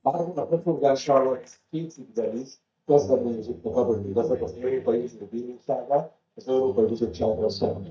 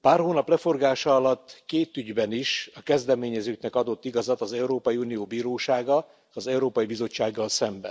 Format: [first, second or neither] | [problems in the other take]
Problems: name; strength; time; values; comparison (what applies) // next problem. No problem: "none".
second | noise reduction (neural mask model DeepFilterNet 3)